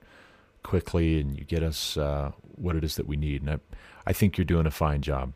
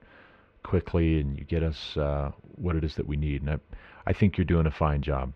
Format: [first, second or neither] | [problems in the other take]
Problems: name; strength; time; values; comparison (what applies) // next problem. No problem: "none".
first | muffled; slightly; fading above 3 kHz